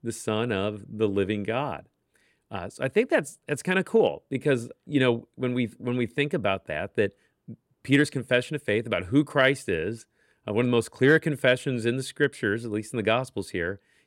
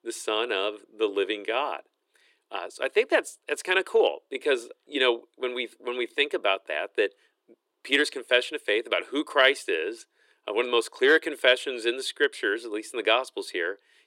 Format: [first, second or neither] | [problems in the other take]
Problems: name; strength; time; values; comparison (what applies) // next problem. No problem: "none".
first | thin; very; fading below 350 Hz